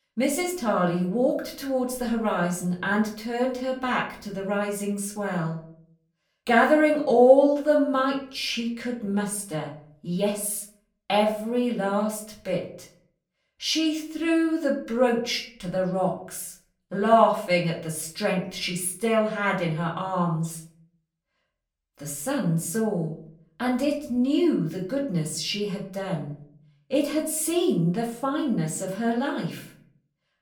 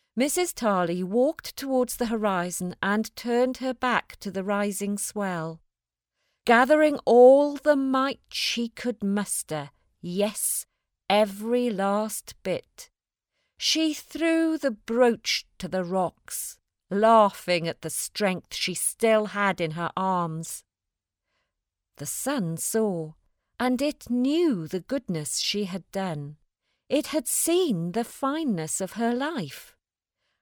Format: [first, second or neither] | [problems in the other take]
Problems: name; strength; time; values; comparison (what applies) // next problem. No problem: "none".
second | off-mic speech; far // room echo; slight; dies away in 0.4 s